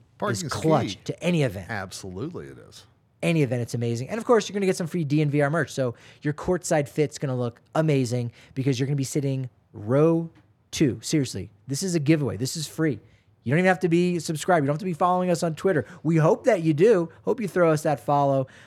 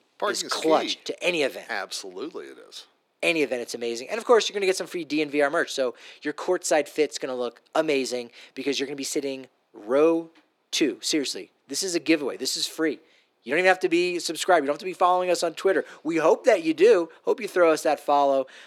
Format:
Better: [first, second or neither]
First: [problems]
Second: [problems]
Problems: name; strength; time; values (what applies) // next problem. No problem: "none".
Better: first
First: none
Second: thin; somewhat; fading below 300 Hz